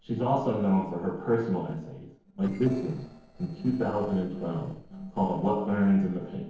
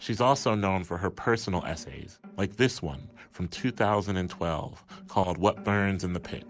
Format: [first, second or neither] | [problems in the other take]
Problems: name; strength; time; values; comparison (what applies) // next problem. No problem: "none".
second | noise reduction (neural separator model SepFormer DNS4)